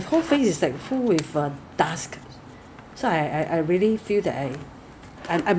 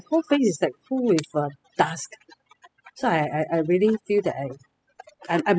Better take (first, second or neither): first